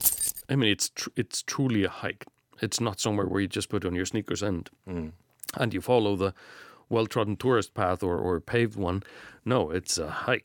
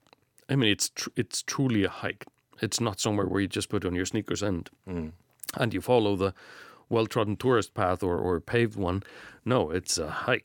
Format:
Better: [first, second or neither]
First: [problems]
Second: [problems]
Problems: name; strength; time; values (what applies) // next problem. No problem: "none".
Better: second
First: jangling keys; loud; at the start; peak 5 dB above the speech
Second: none